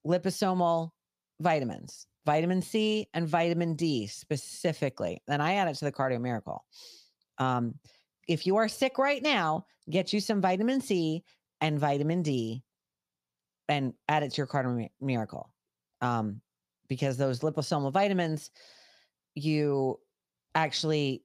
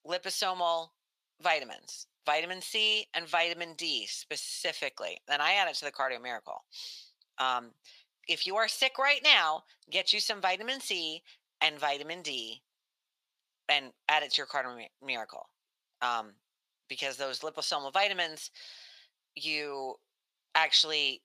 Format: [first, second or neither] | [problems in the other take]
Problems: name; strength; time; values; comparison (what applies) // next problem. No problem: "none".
first | thin; very; fading below 850 Hz